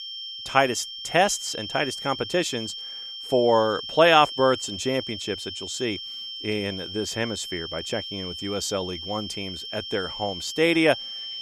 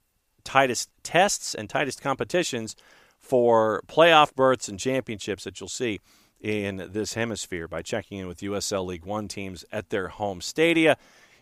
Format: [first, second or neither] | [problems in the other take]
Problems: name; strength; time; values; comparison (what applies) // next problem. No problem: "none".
second | high-pitched whine; loud; throughout; 3 kHz, 8 dB below the speech